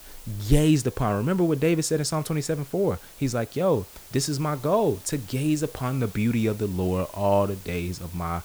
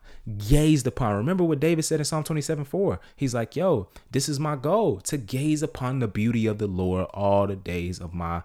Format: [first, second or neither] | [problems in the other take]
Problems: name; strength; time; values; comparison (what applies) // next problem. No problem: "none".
second | hiss; noticeable; throughout; 20 dB below the speech